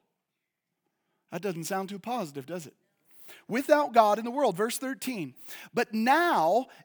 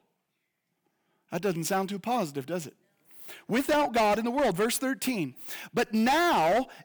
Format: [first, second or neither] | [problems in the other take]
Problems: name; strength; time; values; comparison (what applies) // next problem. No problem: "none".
first | distortion; heavy; 10% of the sound clipped